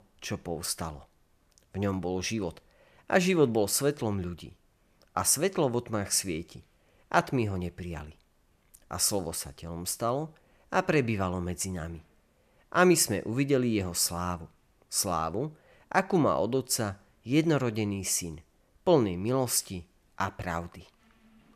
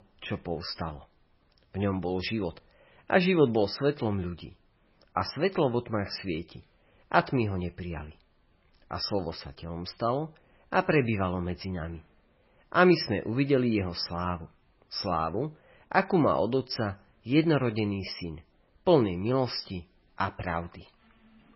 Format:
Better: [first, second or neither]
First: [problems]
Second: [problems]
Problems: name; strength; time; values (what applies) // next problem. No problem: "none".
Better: first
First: none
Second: garbled, watery; badly; nothing above 5.5 kHz